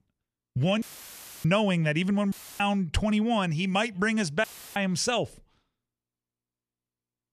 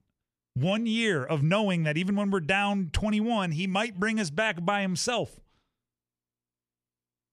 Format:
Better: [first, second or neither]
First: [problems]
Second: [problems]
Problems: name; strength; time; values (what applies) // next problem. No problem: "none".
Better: second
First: audio cutting out; filled with static; at 1 s for 0.5 s, at 2.5 s and at 4.5 s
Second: none